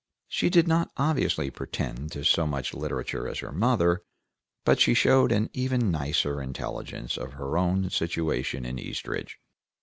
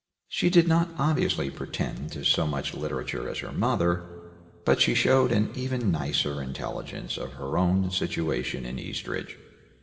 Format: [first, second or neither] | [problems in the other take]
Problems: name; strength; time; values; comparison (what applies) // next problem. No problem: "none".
first | room echo; dies away in 1.5 s